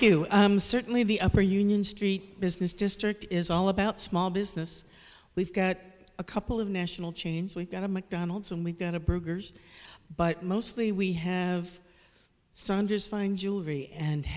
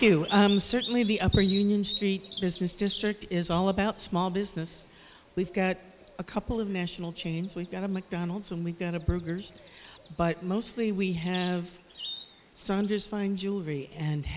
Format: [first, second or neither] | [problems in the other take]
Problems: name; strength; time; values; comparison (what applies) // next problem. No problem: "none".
first | background sound (Bird vocalization, bird call, bird song); 15 dB below the speech